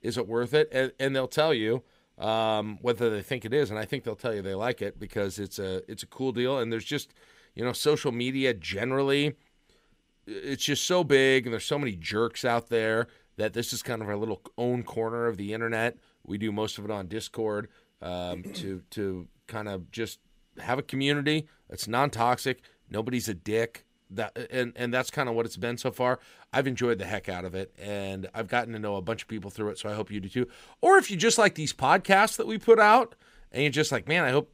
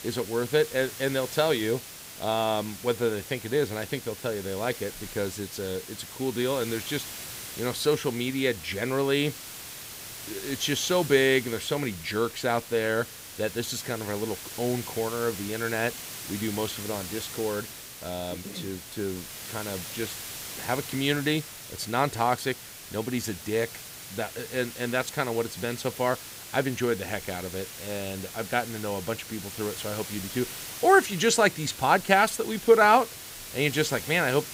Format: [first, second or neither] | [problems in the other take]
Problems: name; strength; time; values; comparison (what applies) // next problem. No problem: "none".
first | hiss; noticeable; throughout; 10 dB below the speech